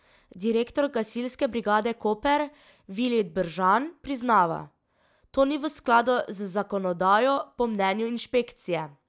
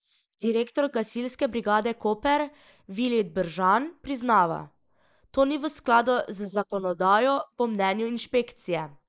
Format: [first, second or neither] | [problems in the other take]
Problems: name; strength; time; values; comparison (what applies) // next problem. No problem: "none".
first | noise reduction (neural mask model Resemble Enhance denoiser)